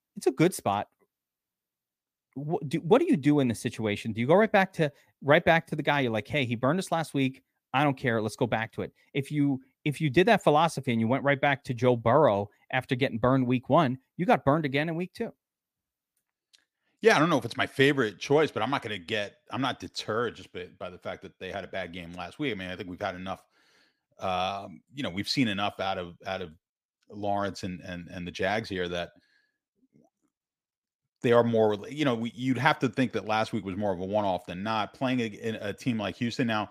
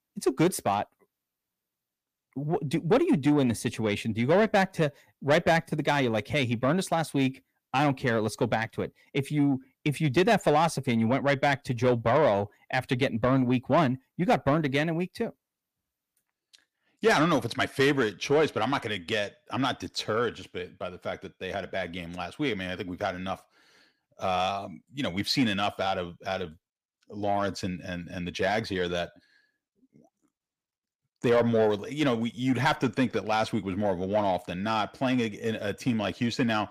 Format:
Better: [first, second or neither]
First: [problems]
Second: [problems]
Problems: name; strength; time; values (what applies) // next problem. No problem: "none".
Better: first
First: none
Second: distortion; slight; 10 dB below the speech